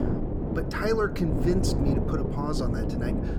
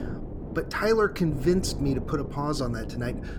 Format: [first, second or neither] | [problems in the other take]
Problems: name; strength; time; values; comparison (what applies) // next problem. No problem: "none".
second | wind noise on the microphone; heavy; 3 dB below the speech; occasional gusts in the second